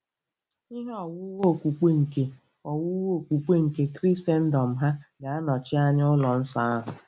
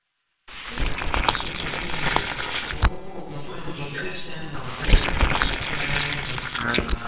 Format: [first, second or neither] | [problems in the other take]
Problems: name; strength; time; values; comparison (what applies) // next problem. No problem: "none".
first | noise reduction (neural separator model SepFormer WHAMR!)